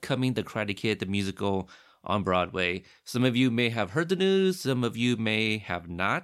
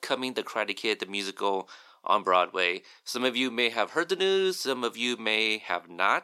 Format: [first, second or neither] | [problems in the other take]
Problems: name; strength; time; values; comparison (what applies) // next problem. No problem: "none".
first | thin; somewhat; fading below 350 Hz